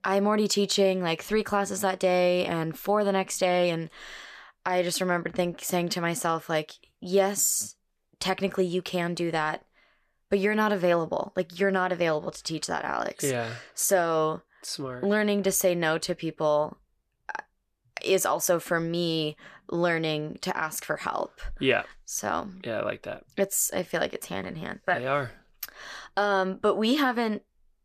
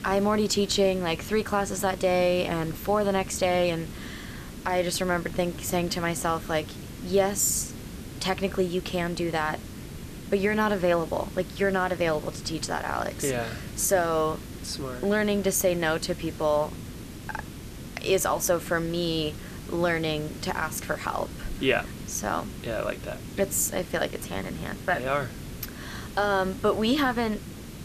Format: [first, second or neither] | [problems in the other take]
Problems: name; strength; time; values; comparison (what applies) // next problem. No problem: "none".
first | hiss; noticeable; throughout; 15 dB below the speech